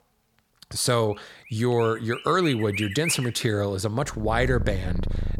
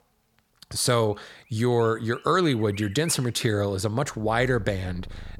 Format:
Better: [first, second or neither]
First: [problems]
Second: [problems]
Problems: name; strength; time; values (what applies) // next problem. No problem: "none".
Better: second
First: animal sounds; loud; throughout; 8 dB below the speech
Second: animal sounds; faint; throughout; 20 dB below the speech